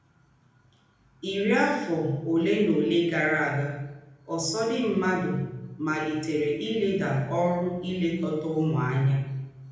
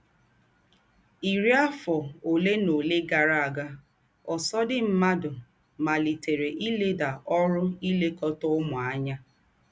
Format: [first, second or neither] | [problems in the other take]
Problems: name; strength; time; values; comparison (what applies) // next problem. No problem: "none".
second | room echo; dies away in 0.8 s